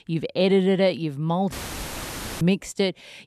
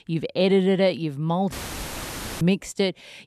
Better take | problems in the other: neither | audio cutting out; filled with static; at 1.5 s for 1 s; the same in both

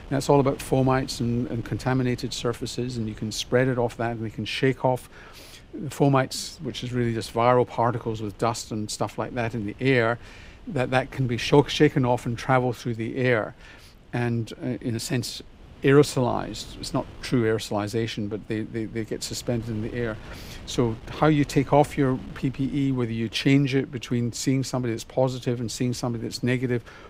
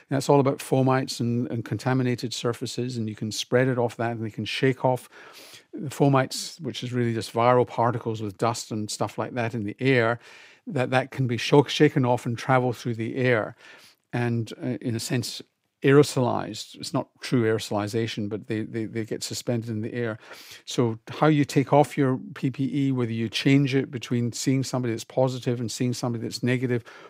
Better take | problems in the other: second | wind noise on the microphone; occasional gusts; 25 dB below the speech

